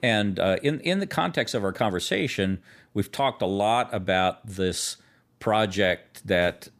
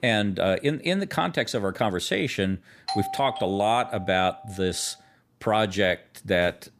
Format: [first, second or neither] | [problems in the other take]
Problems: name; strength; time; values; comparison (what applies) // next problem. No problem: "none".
first | doorbell; noticeable; from 3 to 4.5 s; peak 5 dB below the speech